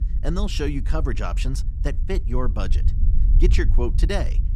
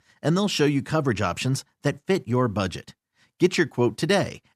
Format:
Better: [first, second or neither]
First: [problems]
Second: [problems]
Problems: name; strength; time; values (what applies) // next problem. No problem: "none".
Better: second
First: low rumble; noticeable; throughout; 15 dB below the speech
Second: none